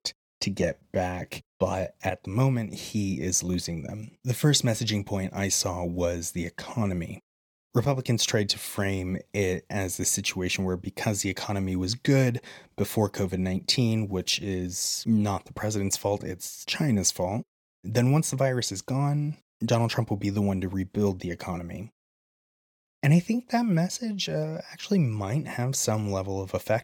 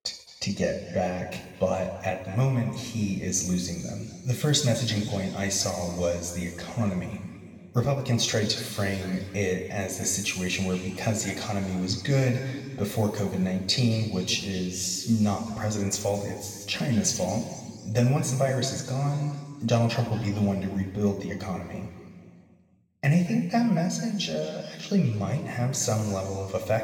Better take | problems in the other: first | room echo; noticeable; dies away in 2.1 s // off-mic speech; somewhat distant

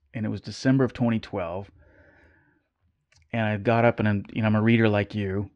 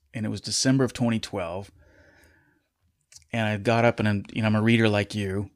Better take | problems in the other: second | muffled; slightly; fading above 2.5 kHz

